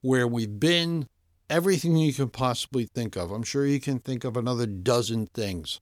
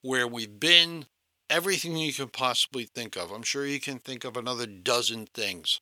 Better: first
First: none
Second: thin; somewhat; fading below 1 kHz

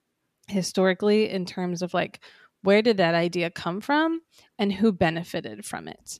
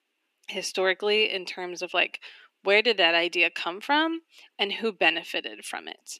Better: first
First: none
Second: thin; somewhat; fading below 300 Hz

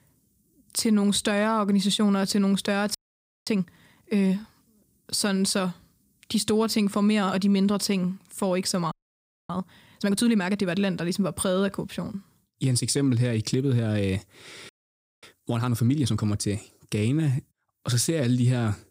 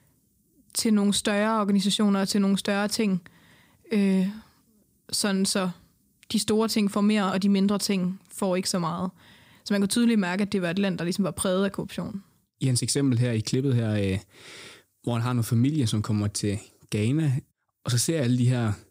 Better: second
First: audio freezing; at 3 s for 0.5 s, at 9 s for 0.5 s and at 15 s for 0.5 s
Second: none

